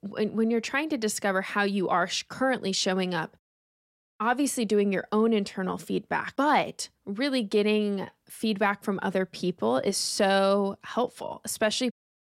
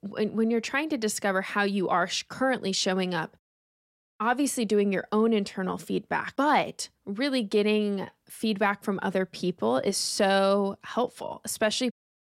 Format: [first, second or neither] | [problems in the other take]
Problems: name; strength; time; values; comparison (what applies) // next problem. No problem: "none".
neither | none